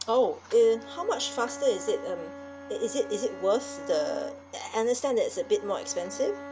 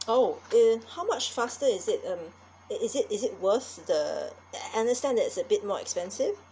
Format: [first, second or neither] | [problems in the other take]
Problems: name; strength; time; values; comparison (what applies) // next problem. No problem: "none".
second | background sound (Bowed string instrument); 14 dB below the speech